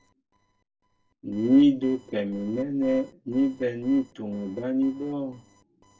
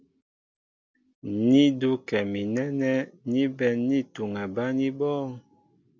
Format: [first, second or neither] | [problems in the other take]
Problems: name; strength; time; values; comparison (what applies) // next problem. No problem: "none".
second | noise reduction (neural separator model SepFormer DNS4)